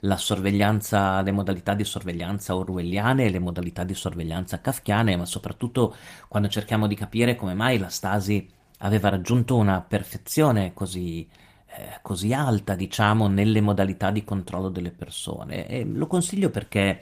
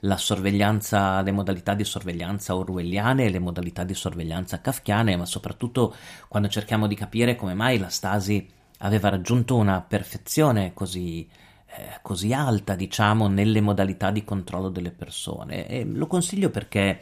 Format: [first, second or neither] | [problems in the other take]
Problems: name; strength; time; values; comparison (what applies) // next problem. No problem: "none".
second | garbled, watery; slightly; nothing above 15 kHz